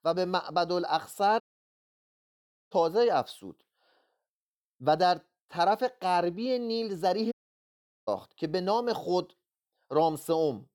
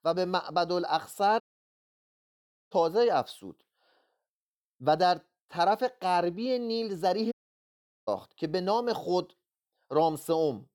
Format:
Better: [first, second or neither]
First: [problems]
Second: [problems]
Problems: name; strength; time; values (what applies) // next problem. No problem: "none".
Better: neither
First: audio cutting out; at 1.5 s for 1.5 s and at 7.5 s for 1 s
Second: audio cutting out; at 1.5 s for 1.5 s and at 7.5 s for 1 s